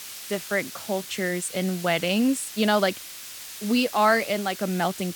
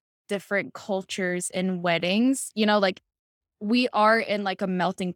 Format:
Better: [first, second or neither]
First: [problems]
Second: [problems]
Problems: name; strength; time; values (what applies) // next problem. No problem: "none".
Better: second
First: hiss; noticeable; throughout; 10 dB below the speech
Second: none